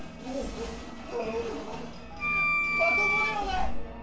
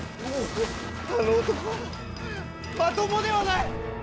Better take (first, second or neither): second